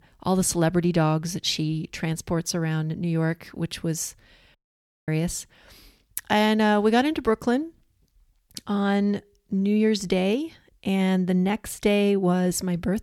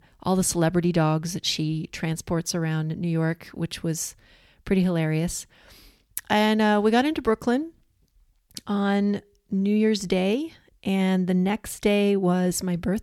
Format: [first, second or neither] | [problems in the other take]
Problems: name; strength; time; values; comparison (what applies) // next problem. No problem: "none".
second | audio cutting out; at 4.5 s for 0.5 s